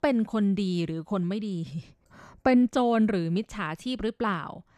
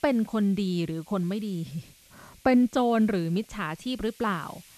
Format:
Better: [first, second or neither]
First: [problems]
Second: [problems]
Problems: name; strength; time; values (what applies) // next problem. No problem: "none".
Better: first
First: none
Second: hiss; faint; throughout; 25 dB below the speech